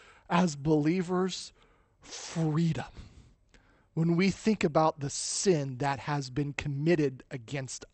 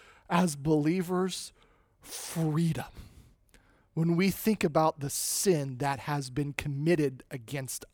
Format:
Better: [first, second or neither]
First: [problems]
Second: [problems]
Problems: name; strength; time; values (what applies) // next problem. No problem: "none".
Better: second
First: garbled, watery; slightly; nothing above 8.5 kHz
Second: none